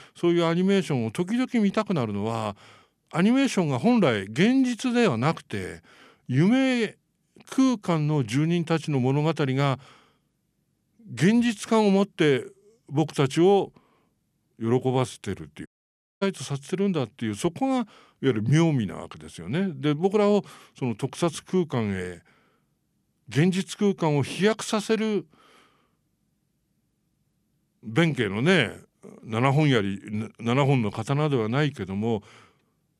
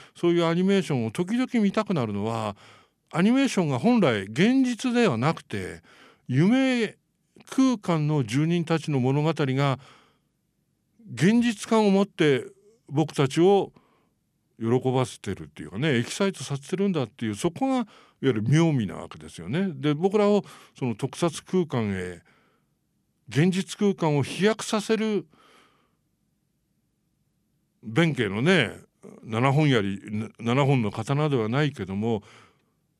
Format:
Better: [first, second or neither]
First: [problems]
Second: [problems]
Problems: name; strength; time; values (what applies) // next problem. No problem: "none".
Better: second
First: audio cutting out; at 16 s for 0.5 s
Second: none